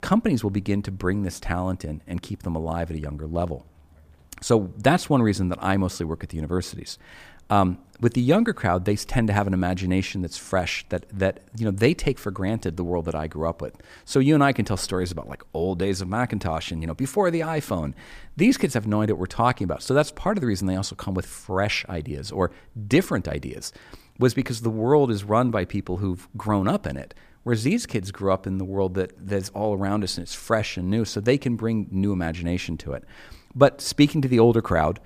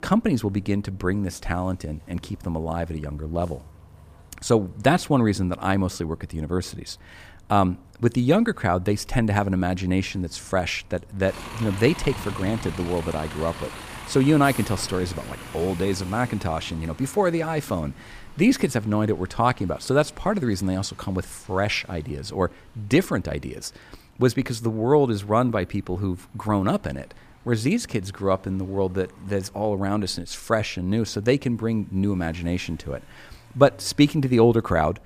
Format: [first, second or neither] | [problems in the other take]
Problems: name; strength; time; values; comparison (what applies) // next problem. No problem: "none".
first | traffic noise; noticeable; throughout; 20 dB below the speech